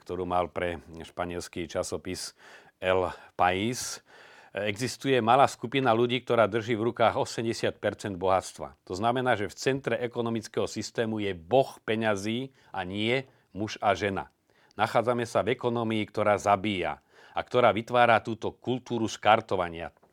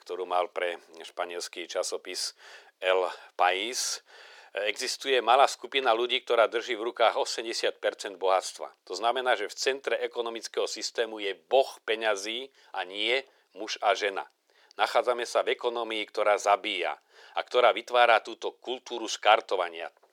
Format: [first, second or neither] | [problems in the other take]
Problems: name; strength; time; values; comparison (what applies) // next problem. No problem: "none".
first | thin; very; fading below 400 Hz